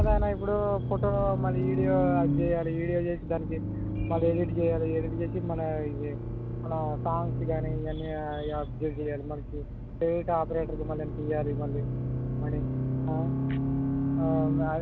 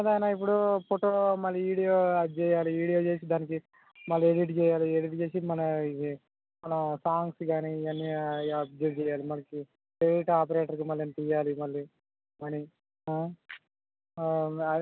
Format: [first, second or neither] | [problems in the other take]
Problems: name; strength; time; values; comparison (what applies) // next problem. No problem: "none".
second | background sound (Accelerating, revving, vroom); 1 dB above the speech